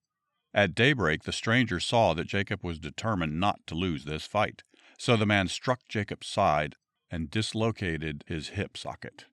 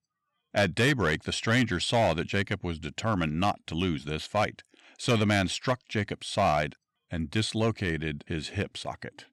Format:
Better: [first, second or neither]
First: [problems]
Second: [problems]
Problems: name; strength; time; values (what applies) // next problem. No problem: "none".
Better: first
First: none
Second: distortion; slight; 3% of the sound clipped